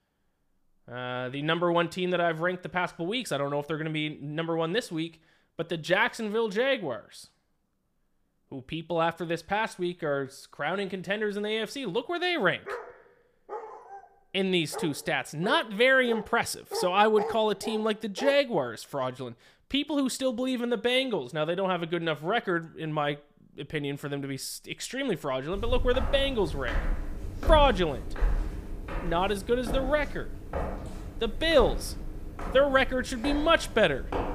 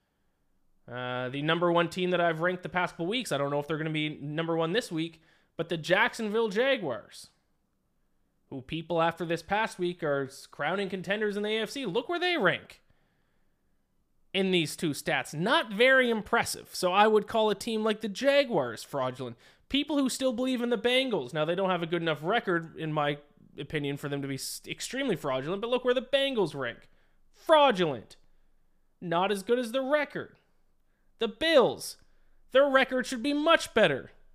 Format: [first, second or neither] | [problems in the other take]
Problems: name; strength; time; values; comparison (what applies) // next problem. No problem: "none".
second | dog barking; noticeable; from 13 to 18 s; peak 7 dB below the speech // footsteps; noticeable; from 26 s on; peak 2 dB below the speech